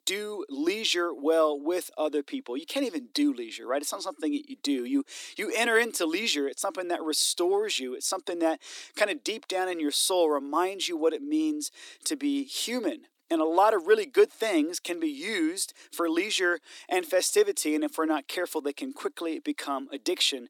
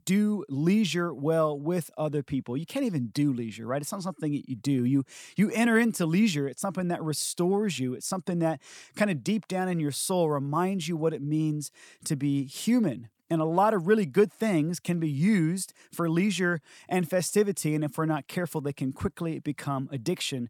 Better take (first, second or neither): second